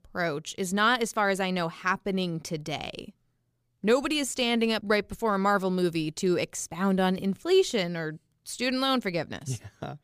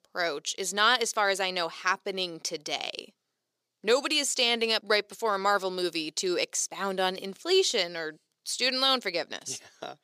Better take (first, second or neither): first